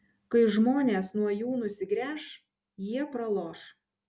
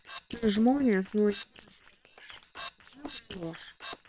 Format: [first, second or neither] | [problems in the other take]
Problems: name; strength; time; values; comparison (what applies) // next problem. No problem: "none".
first | noise reduction (neural separator model SepFormer WHAM!)